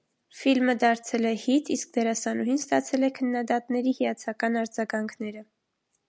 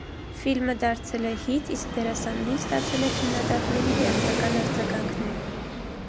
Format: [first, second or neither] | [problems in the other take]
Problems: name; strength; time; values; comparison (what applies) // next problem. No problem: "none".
first | background sound (Fixed-wing aircraft, airplane); 1 dB above the speech